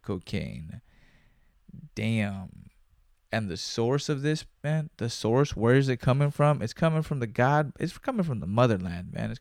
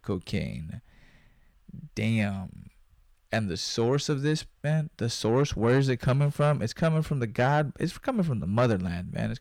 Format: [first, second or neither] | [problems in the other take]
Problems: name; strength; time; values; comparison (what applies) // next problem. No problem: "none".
first | distortion; slight; 10 dB below the speech